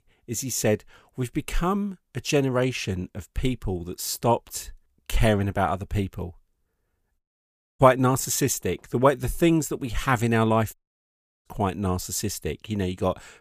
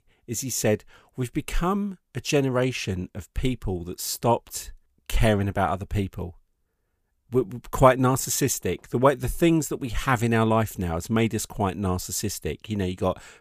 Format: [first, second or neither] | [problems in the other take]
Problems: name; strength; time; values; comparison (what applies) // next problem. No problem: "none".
second | audio cutting out; at 7 s for 0.5 s and at 11 s for 0.5 s